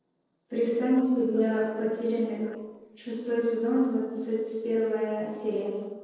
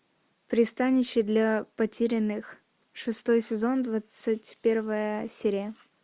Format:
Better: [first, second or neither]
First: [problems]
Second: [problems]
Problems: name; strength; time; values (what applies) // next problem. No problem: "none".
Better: second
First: noise reduction (neural separator model SepFormer DNS4)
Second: none